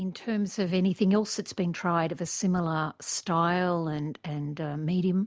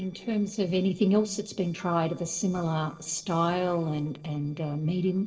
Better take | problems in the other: first | noise reduction (neural separator model SepFormer DNS4)

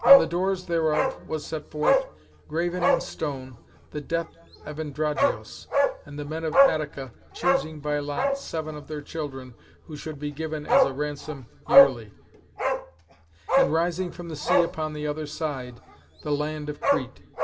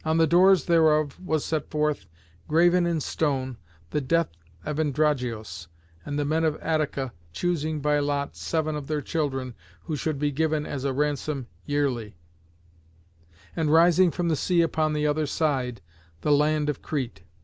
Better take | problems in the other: second | background sound (Bark); 3 dB above the speech // room echo; dies away in 1.8 s

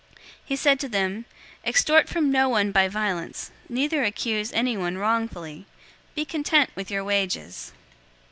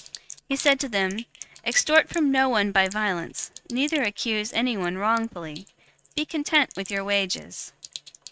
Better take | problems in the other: first | noise reduction (neural mask model RNNoise)

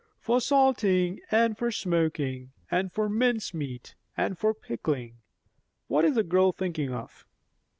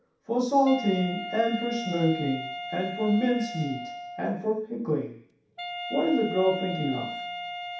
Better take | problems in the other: first | background sound (Wind instrument, woodwind instrument); 9 dB below the speech // room echo; dies away in 0.7 s

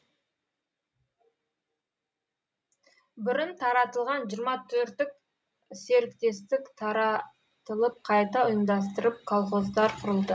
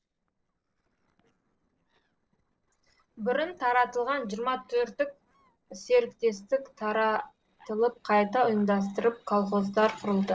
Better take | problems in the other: first | noise reduction (neural separator model SepFormer DNS4)

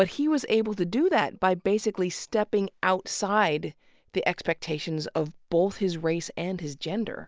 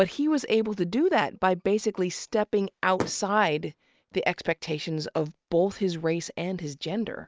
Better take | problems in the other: first | noise reduction (neural mask model RNNoise)

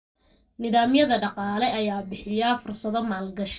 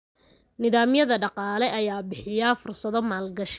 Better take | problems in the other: second | noise reduction (neural separator model SepFormer DNS4)

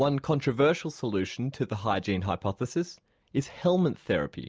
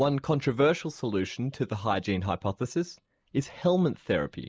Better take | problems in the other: first | noise reduction (neural mask model Resemble Enhance denoiser)

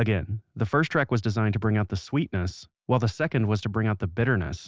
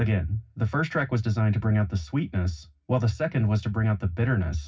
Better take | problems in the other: first | room echo; dies away in 0.4 s

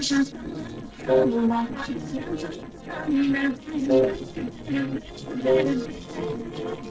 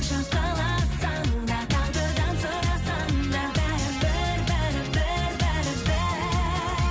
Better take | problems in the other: second | noise reduction (neural separator model SepFormer DNS4)

